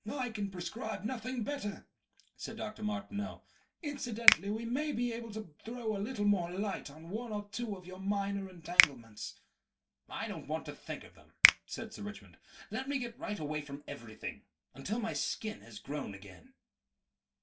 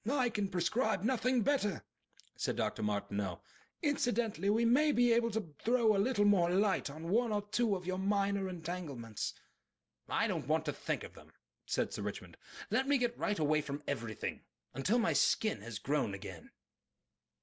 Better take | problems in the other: second | background sound (Finger snapping); 3 dB above the speech // room echo; dies away in 0.2 s

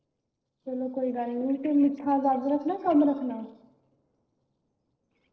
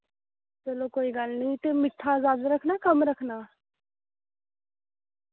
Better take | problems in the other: second | noise reduction (neural separator model SepFormer DNS4)

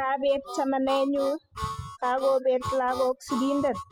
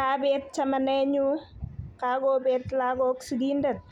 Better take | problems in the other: second | noise reduction (classical method spectral subtraction)

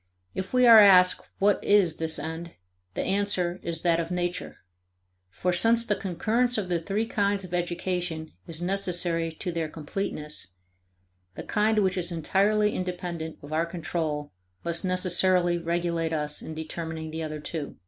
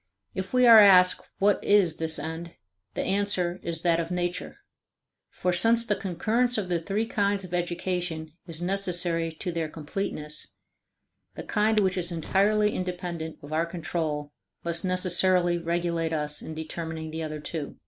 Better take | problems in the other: first | noise reduction (neural mask model Resemble Enhance denoiser)

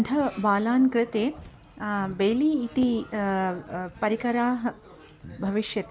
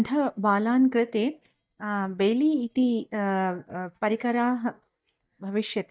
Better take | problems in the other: first | noise reduction (neural mask model DeepFilterNet 3)

